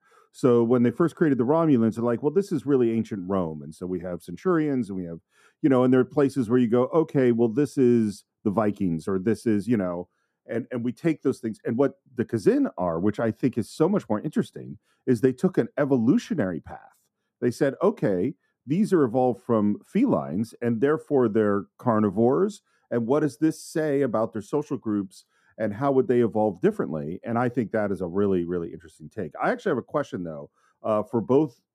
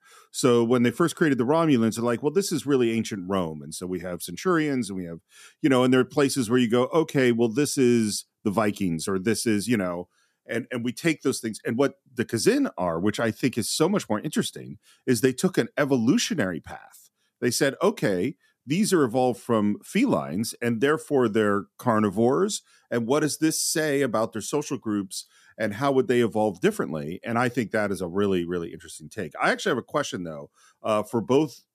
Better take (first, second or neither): second